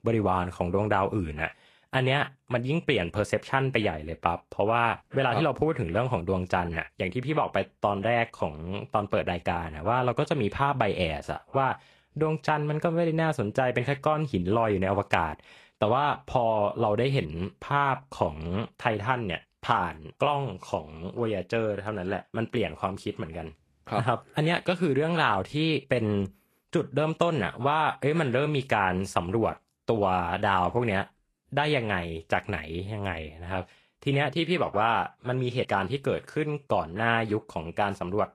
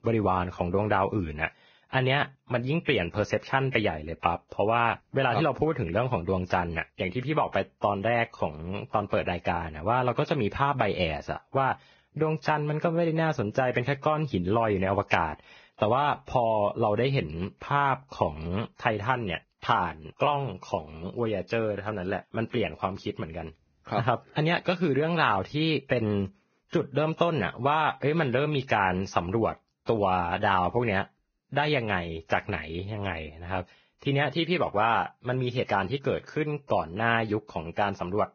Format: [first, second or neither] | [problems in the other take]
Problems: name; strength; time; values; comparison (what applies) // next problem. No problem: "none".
first | garbled, watery; badly; nothing above 6.5 kHz; slightly in the first